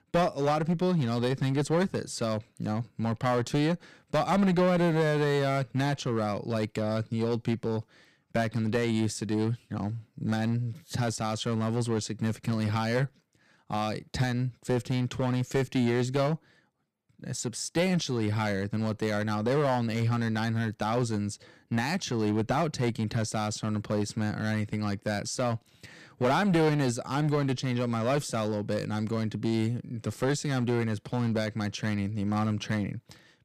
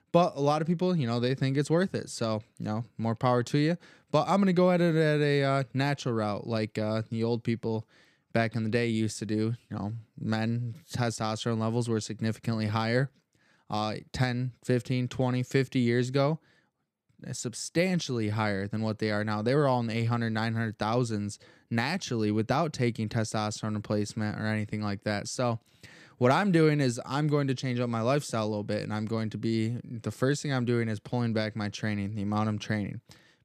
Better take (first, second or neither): second